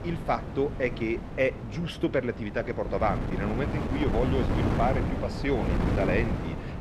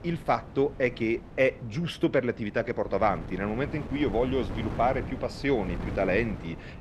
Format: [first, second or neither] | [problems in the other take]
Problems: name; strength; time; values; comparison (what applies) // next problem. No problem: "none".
second | wind noise on the microphone; heavy; 6 dB below the speech; occasional gusts in the second